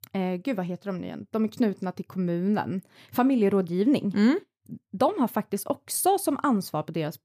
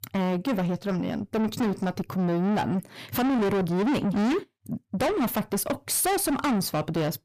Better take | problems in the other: first | distortion; heavy; 5 dB below the speech

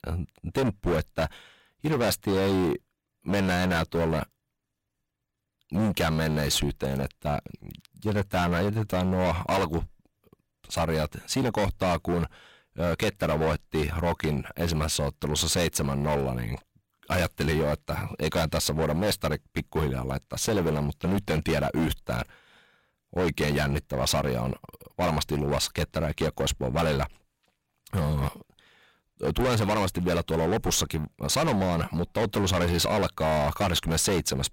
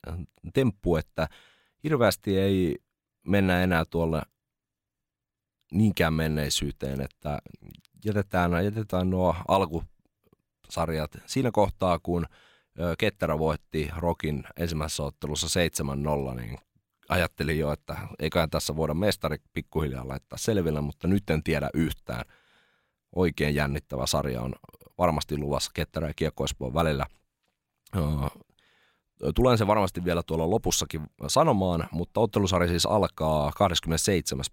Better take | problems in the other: second | distortion; heavy; 17% of the sound clipped

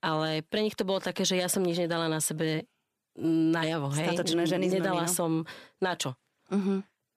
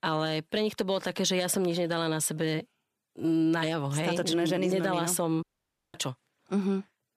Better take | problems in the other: first | audio cutting out; at 5.5 s for 0.5 s

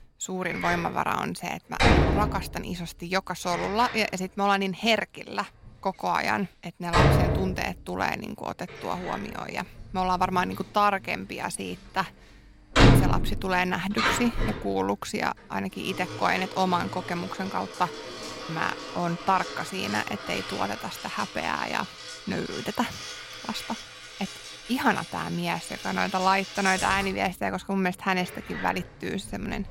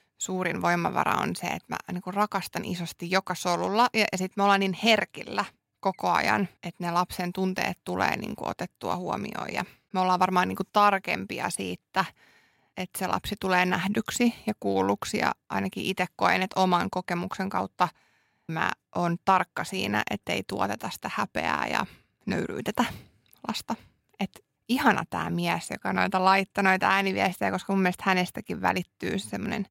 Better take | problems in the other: second | household noises; loud; throughout; 1 dB below the speech

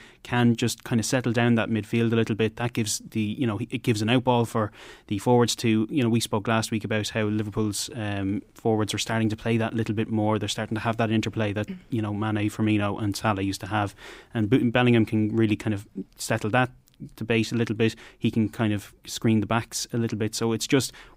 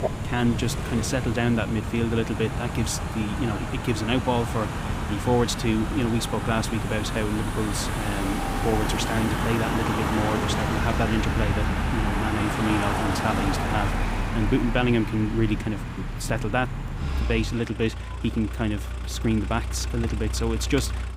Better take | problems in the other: first | traffic noise; loud; throughout; 2 dB below the speech

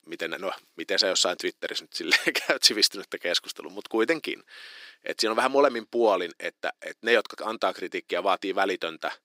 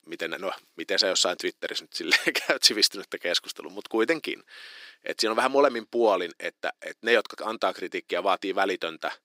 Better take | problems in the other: neither | thin; somewhat; fading below 300 Hz; the same in both

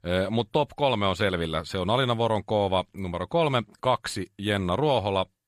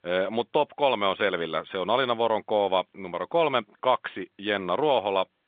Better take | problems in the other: first | phone-call audio; nothing above 3.5 kHz

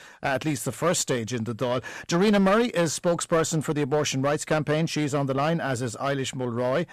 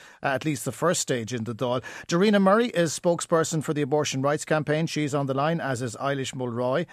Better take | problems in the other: second | distortion; slight; 7% of the sound clipped

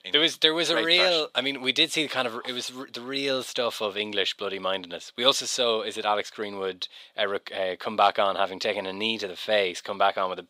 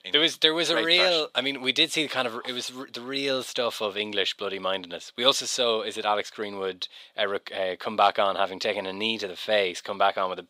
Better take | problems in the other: neither | thin; very; fading below 550 Hz; the same in both

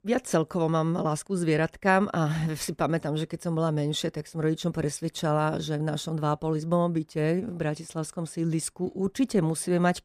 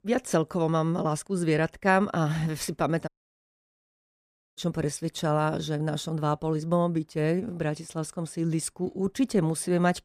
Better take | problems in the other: first | audio cutting out; at 3 s for 1.5 s

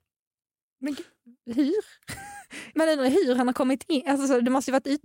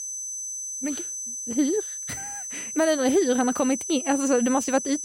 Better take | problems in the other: first | high-pitched whine; loud; throughout; 6 kHz, 6 dB below the speech

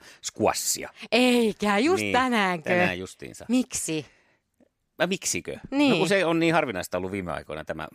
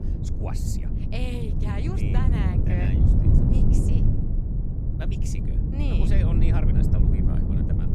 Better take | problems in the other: first | wind noise on the microphone; heavy; 3 dB above the speech

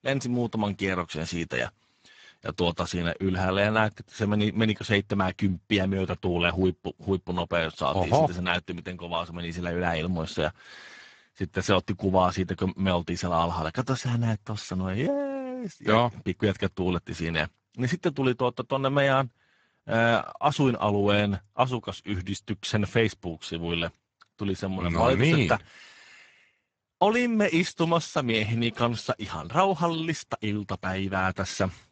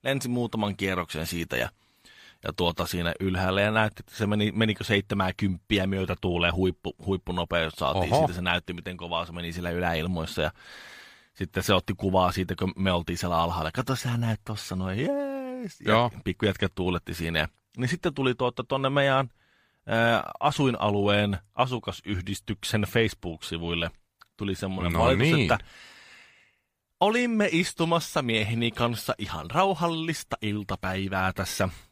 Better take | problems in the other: second | garbled, watery; badly; nothing above 7.5 kHz

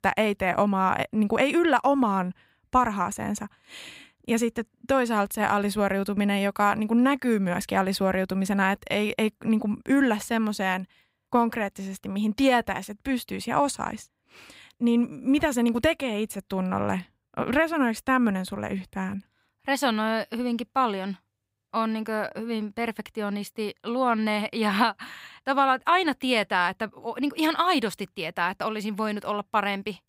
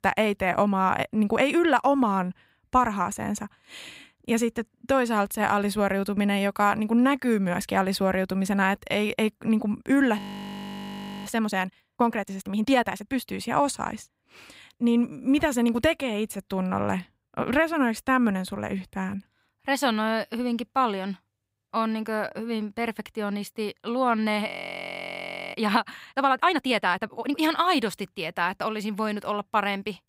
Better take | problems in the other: first | audio freezing; at 10 s for 1 s and at 24 s for 1 s

